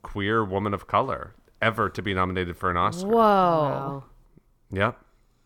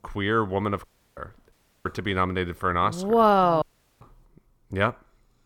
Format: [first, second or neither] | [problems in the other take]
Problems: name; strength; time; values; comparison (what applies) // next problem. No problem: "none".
first | audio cutting out; at 1 s, at 1.5 s and at 3.5 s